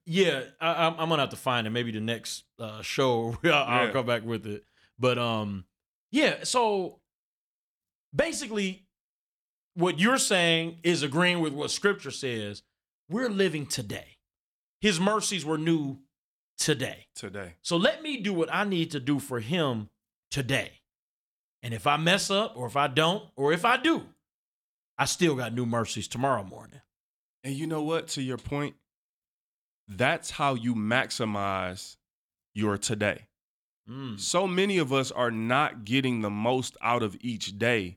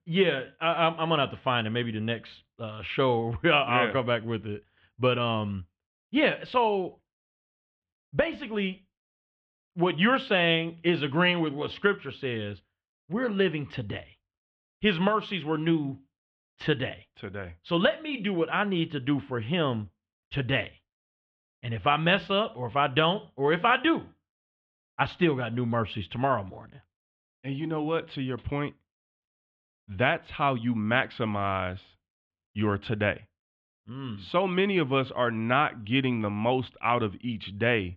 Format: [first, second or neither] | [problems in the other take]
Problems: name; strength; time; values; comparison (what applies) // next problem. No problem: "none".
first | muffled; very; fading above 3 kHz